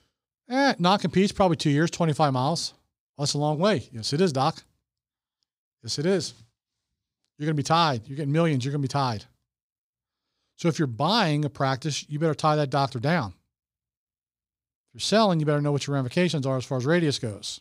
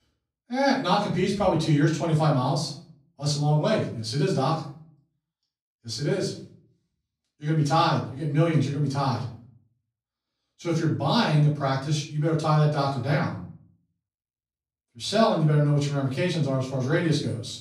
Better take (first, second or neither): first